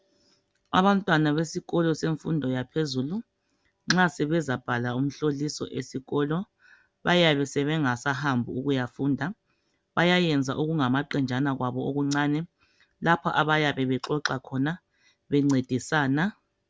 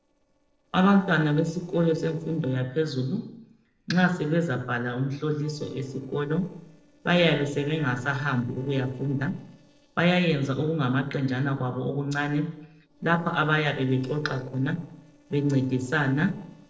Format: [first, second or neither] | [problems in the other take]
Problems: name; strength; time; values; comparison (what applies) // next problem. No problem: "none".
first | noise reduction (neural separator model SepFormer DNS4)